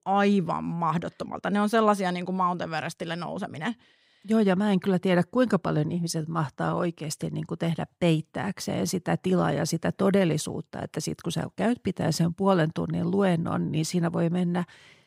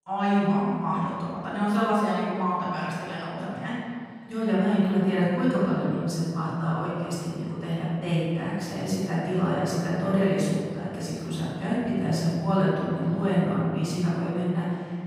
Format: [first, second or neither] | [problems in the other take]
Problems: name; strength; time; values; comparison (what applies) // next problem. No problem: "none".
first | room echo; strong; dies away in 2 s // off-mic speech; far